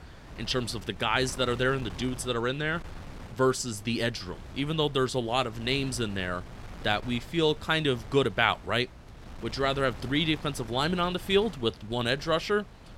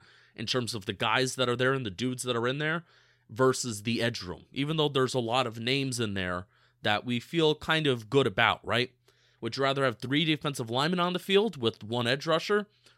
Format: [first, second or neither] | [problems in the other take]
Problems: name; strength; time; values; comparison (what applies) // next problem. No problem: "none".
second | wind noise on the microphone; occasional gusts; 20 dB below the speech